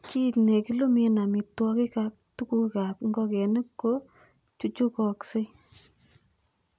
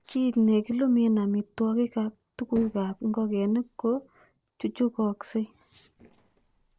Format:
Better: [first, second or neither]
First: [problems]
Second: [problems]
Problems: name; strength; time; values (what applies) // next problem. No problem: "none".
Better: first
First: none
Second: noise reduction (neural separator model SepFormer DNS4)